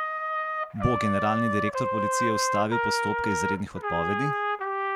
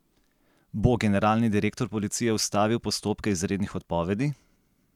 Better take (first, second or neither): second